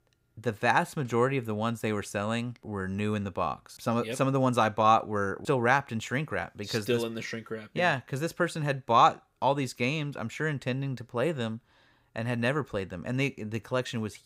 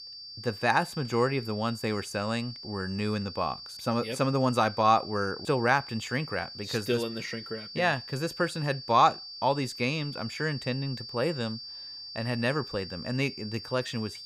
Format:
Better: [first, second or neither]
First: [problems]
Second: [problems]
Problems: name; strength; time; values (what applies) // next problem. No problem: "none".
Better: first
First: none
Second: high-pitched whine; noticeable; throughout; 4.5 kHz, 10 dB below the speech